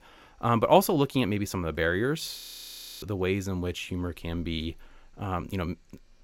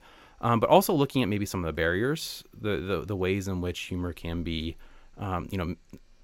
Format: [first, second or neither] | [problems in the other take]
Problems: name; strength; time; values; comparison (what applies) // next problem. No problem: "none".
second | audio freezing; at 2.5 s for 0.5 s